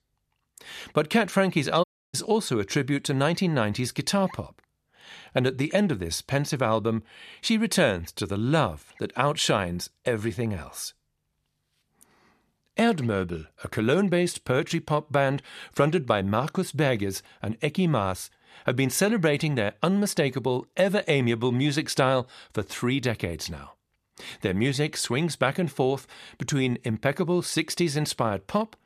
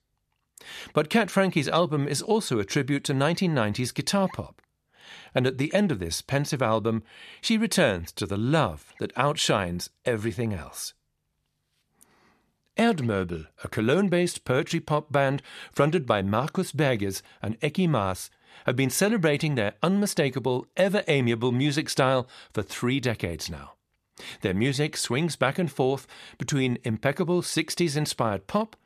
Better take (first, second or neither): second